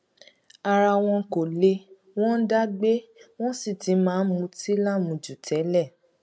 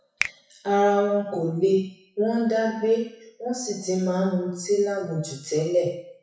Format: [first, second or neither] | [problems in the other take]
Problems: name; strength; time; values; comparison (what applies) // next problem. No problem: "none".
first | noise reduction (classical method WPE with log-MMSE)